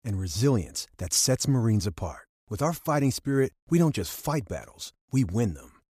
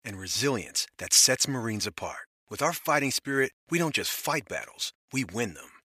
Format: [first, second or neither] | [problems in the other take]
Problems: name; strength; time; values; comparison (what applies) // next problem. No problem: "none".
first | thin; somewhat; fading below 650 Hz